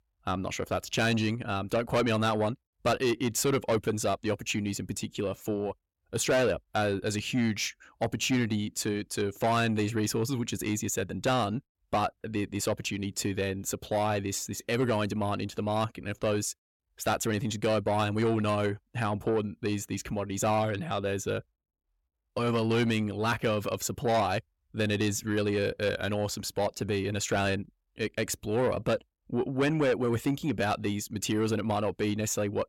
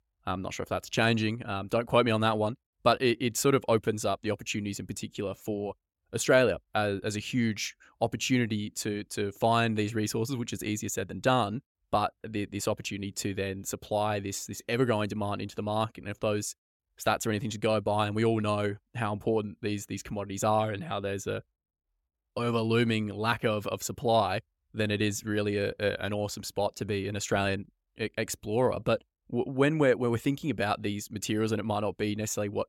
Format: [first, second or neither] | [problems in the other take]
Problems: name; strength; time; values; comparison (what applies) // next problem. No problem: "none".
second | distortion; slight; 10 dB below the speech